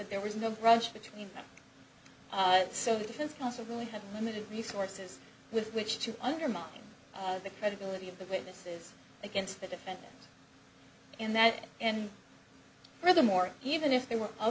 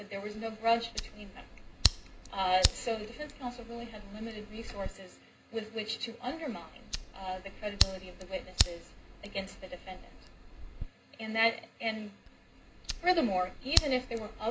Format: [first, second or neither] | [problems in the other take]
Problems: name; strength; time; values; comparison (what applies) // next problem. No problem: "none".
first | background sound (Fire); 2 dB below the speech // room echo; dies away in 0.2 s